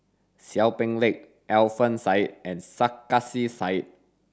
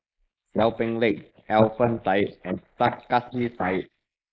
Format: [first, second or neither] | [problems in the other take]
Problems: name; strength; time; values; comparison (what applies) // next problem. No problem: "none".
first | noise reduction (neural mask model Resemble Enhance denoiser)